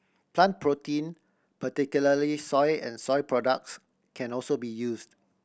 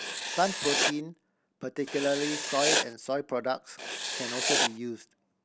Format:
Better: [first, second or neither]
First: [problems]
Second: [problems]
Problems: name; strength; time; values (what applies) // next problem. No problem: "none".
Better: first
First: none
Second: background sound (Writing); as loud as the speech